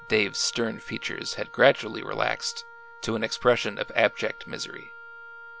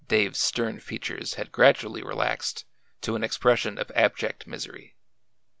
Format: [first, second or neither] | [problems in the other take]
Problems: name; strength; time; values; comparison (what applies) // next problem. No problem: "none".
second | background sound (Wind instrument, woodwind instrument); 18 dB below the speech